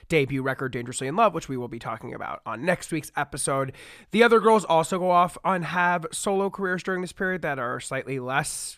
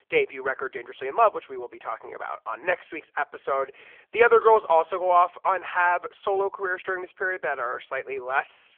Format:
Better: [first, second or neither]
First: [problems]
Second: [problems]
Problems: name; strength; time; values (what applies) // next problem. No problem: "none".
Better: first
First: none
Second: phone-call audio; poor line